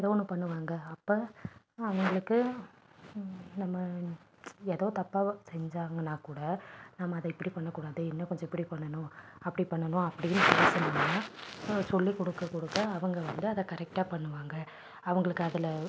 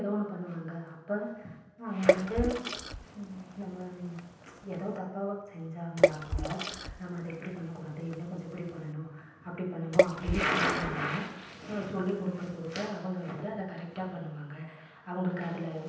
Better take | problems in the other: first | background sound (Water / Splash, splatter); 2 dB above the speech // room echo; dies away in 0.9 s

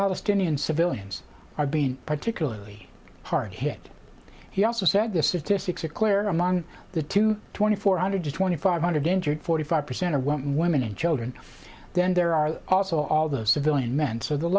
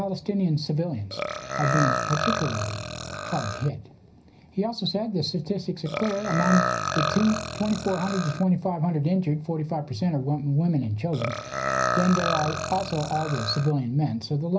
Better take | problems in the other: first | background sound (Burping, eructation); 3 dB below the speech // room echo; dies away in 0.4 s

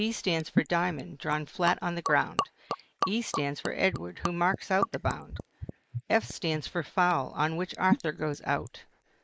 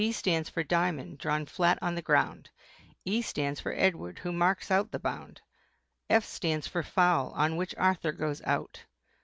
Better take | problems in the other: second | noise reduction (neural mask model Resemble Enhance denoiser)

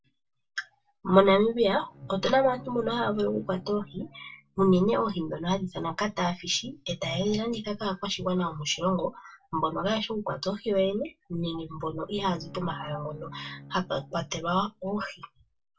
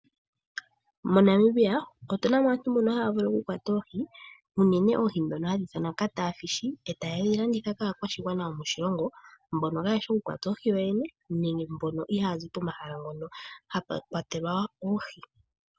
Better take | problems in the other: second | background sound (Bowed string instrument); 19 dB below the speech // room echo; dies away in 0.1 s

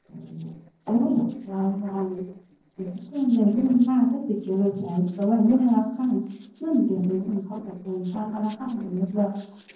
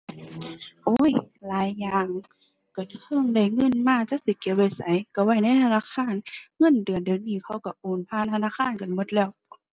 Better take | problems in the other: second | noise reduction (neural separator model SepFormer DNS4)

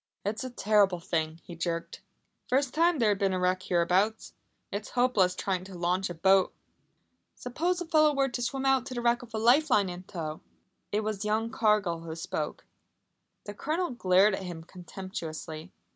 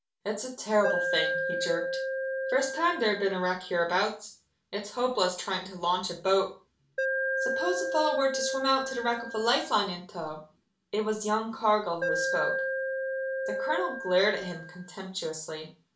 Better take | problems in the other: first | background sound (Alarm); 2 dB below the speech // room echo; dies away in 0.3 s

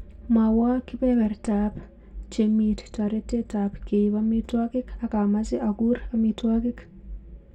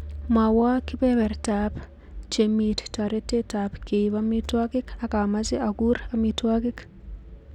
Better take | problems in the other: second | room echo; dies away in 0.2 s

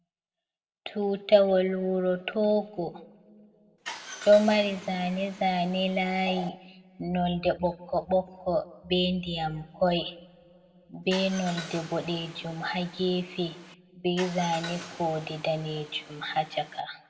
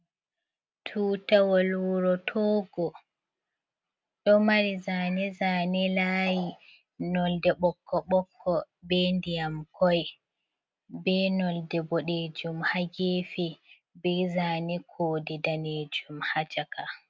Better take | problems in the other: second | background sound (Car); 15 dB below the speech // room echo; dies away in 0.9 s

